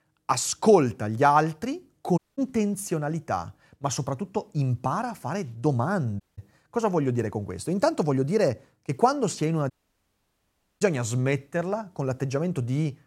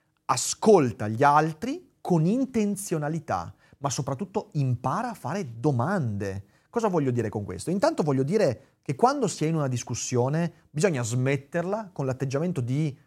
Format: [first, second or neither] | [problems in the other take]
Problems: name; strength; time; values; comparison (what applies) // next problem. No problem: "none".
second | audio cutting out; at 2 s, at 6 s and at 9.5 s for 1 s